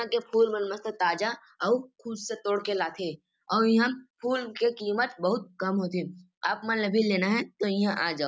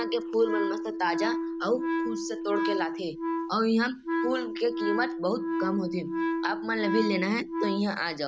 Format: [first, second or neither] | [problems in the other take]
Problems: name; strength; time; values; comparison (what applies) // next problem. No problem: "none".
first | background sound (Wind instrument, woodwind instrument); 1 dB below the speech